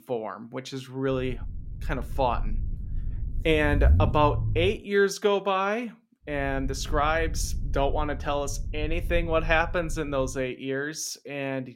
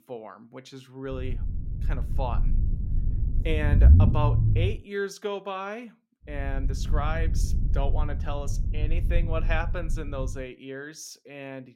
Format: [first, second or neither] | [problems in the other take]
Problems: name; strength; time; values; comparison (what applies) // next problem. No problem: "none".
first | low rumble; loud; from 1 to 4.5 s and from 6.5 to 10 s; 7 dB below the speech; faint in the first